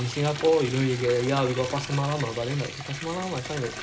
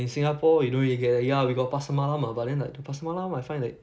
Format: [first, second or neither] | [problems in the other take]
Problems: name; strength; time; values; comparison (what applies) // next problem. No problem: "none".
second | background sound (Liquid); 10 dB below the speech